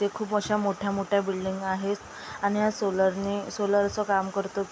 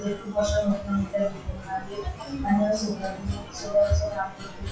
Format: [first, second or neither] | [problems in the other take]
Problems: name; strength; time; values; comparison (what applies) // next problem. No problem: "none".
first | noise reduction (classical method WPE with log-MMSE)